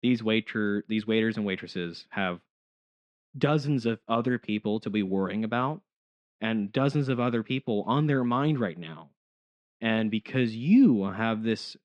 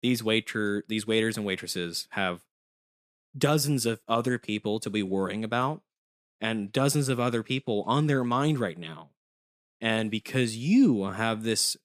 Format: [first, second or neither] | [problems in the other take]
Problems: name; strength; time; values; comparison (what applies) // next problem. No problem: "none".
second | muffled; slightly; fading above 3.5 kHz